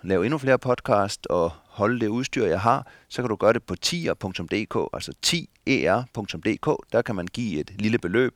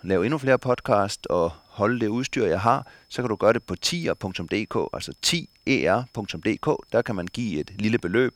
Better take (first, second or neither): first